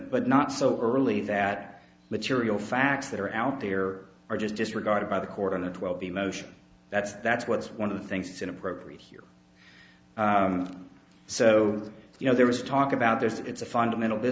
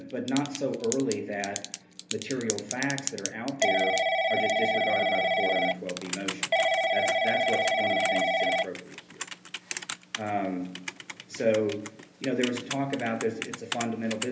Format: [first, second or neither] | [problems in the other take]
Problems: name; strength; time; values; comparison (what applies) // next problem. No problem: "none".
first | background sound (Telephone / Typing); 2 dB above the speech // room echo; dies away in 0.3 s